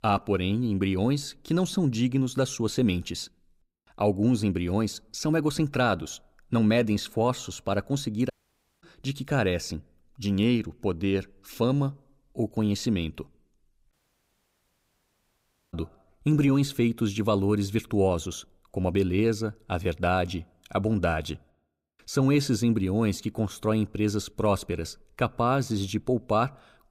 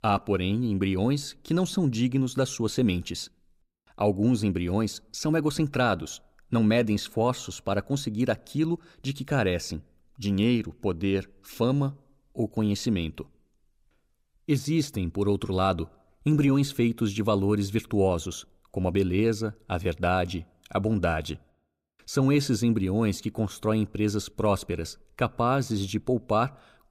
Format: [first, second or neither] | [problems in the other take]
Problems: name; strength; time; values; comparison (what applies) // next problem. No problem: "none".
second | audio cutting out; at 8.5 s for 0.5 s and at 14 s for 2 s